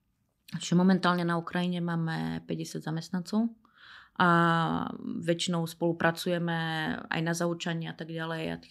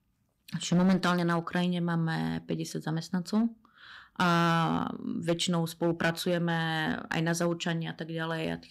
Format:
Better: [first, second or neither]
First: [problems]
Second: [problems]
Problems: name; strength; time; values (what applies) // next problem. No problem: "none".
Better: first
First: none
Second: distortion; slight; 5% of the sound clipped